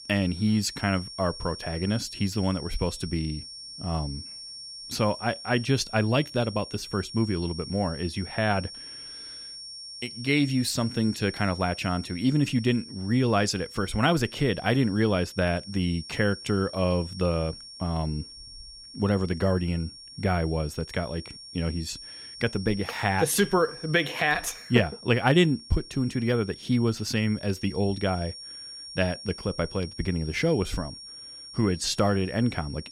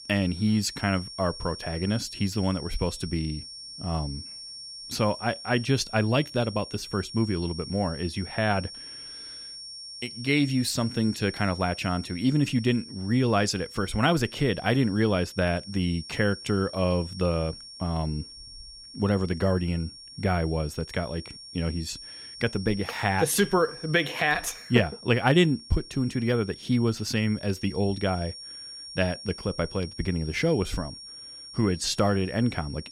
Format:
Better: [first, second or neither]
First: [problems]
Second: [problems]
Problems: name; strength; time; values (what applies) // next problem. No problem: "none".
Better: neither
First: high-pitched whine; noticeable; throughout; 5.5 kHz, 15 dB below the speech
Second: high-pitched whine; noticeable; throughout; 5.5 kHz, 15 dB below the speech